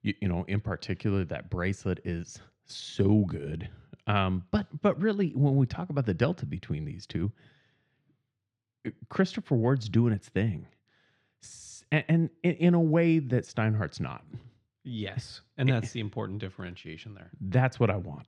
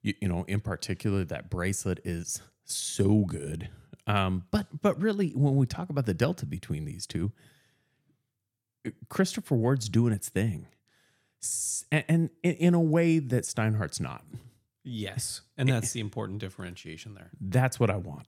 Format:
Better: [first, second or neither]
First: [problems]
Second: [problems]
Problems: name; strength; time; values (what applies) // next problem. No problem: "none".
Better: second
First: muffled; slightly; fading above 4 kHz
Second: none